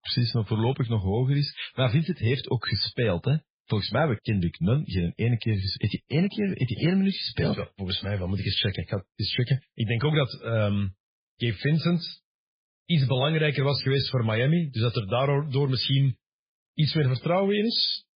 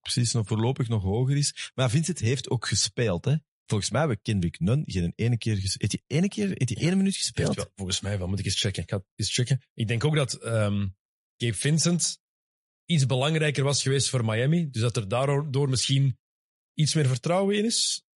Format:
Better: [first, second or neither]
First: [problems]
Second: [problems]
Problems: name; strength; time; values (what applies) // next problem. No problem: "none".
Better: second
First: garbled, watery; badly; nothing above 5 kHz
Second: garbled, watery; slightly; nothing above 11 kHz